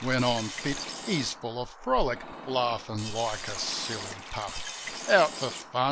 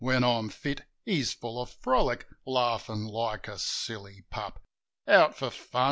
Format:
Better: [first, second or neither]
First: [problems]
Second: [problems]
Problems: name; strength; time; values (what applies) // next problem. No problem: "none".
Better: second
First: background sound (Liquid); 9 dB below the speech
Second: none